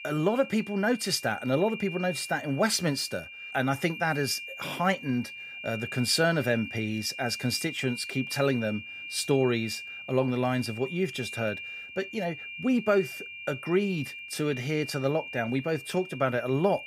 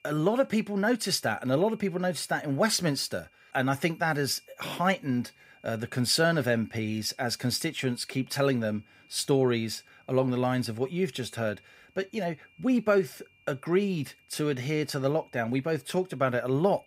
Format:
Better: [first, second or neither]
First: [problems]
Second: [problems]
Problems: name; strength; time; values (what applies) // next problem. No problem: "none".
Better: second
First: high-pitched whine; loud; throughout; 2.5 kHz, 10 dB below the speech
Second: high-pitched whine; faint; throughout; 2.5 kHz, 30 dB below the speech